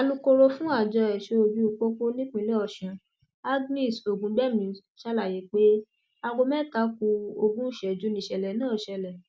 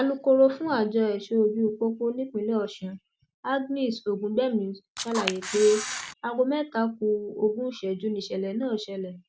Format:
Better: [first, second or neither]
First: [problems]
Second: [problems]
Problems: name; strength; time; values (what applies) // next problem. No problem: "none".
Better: first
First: none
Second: background sound (Camera); 7 dB below the speech